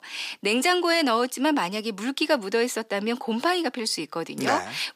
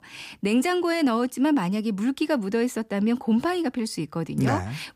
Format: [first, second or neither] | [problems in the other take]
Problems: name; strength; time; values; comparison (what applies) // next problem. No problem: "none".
second | thin; somewhat; fading below 400 Hz